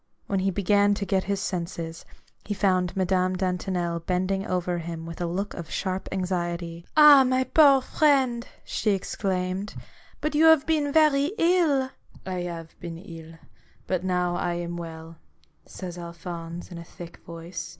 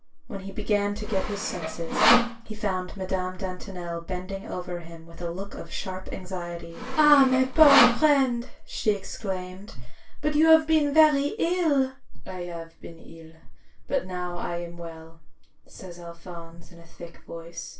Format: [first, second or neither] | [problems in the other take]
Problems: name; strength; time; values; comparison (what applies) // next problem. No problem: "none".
first | background sound (Sawing); 1 dB below the speech // room echo; dies away in 0.2 s